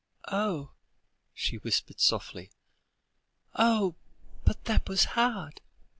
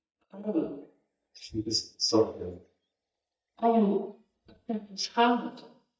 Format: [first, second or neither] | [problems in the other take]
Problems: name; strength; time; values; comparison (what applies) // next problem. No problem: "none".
first | noise reduction (neural mask model DeepFilterNet 3)